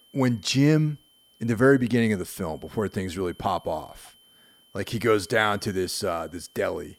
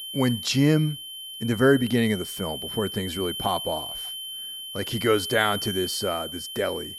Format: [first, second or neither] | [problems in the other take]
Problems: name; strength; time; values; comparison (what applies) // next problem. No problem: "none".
first | high-pitched whine; loud; throughout; 3 kHz, 7 dB below the speech; faint in the first